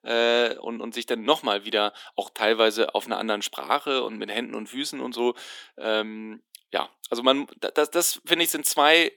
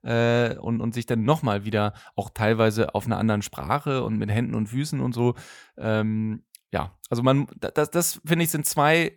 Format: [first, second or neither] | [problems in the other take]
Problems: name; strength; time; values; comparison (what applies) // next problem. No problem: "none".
second | thin; somewhat; fading below 300 Hz